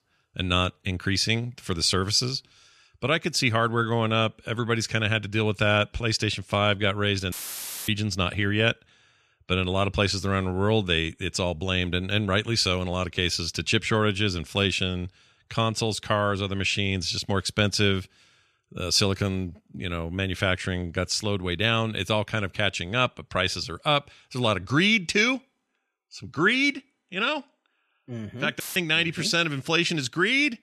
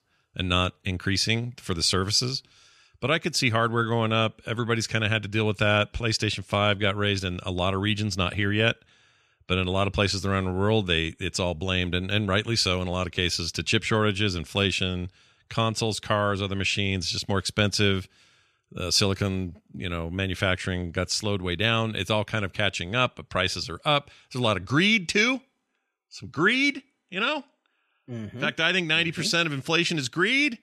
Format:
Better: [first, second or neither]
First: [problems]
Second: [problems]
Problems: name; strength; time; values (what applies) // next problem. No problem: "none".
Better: second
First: audio cutting out; filled with static; at 7.5 s for 0.5 s and at 29 s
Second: none